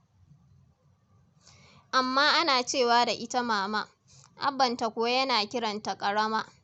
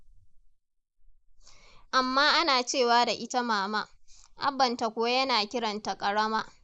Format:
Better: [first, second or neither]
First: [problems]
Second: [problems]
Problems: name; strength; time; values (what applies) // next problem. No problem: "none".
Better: first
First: none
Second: noise reduction (neural mask model Resemble Enhance denoiser)